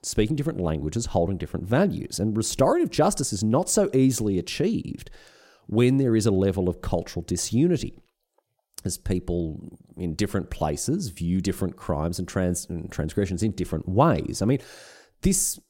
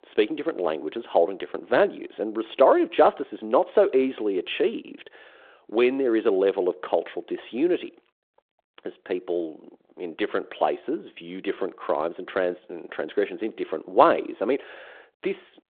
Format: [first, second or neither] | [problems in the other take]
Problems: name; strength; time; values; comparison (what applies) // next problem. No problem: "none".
first | phone-call audio